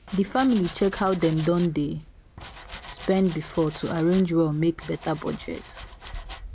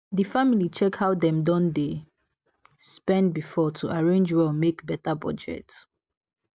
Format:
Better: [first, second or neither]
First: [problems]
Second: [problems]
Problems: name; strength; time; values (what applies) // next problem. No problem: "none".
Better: second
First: background sound (Domestic sounds, home sounds); 16 dB below the speech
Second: none